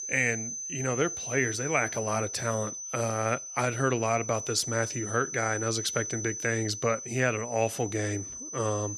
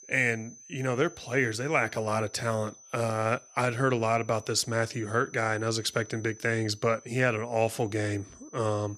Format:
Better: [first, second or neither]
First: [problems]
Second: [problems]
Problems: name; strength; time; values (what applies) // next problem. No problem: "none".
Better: second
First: high-pitched whine; loud; throughout; 6 kHz, 6 dB below the speech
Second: high-pitched whine; faint; throughout; 6 kHz, 20 dB below the speech